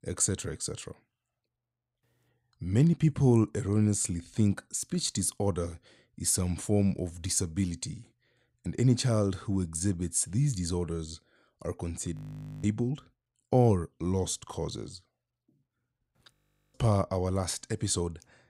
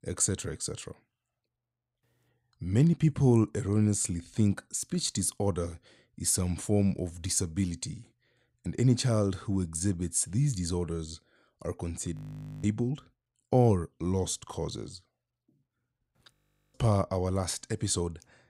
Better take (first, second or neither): neither